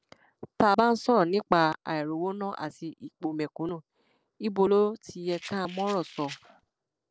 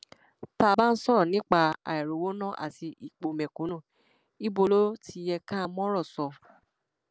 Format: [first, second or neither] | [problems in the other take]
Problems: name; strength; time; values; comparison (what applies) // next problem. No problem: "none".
second | noise reduction (neural separator model SepFormer DNS4)